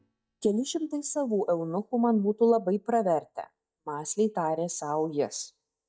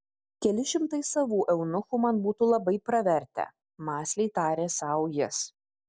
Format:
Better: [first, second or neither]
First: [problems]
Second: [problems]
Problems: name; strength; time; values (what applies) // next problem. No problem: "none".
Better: second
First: noise reduction (neural mask model DeepFilterNet 3)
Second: none